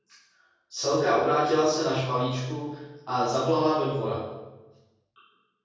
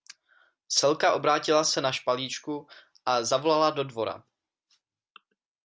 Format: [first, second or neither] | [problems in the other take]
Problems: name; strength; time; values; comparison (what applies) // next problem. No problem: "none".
second | room echo; dies away in 1.3 s